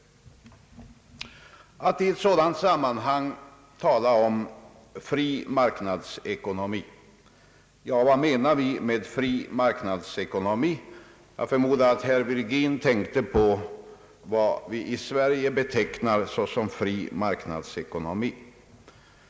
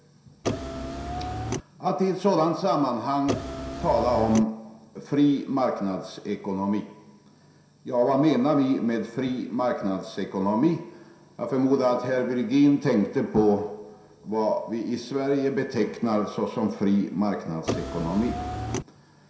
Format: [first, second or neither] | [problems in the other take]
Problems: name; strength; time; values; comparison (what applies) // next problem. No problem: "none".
first | background sound (Car); 5 dB below the speech // room echo; dies away in 0.7 s